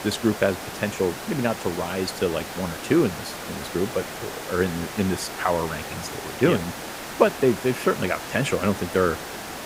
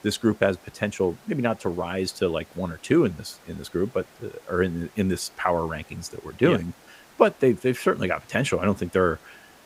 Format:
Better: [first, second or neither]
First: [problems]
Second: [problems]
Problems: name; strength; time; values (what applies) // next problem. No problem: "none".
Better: second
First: hiss; loud; throughout; 9 dB below the speech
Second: hiss; faint; throughout; 25 dB below the speech